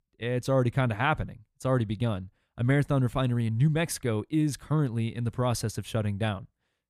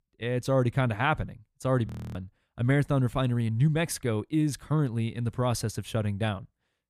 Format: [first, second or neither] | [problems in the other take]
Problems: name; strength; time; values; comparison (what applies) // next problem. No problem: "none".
first | audio freezing; at 2 s